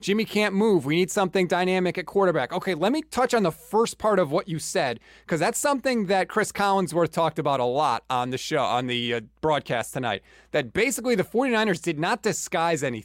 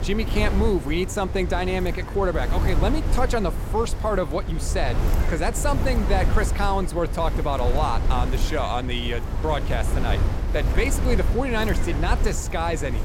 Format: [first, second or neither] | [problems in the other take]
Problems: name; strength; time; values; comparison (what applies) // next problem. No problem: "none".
first | wind noise on the microphone; heavy; 9 dB below the speech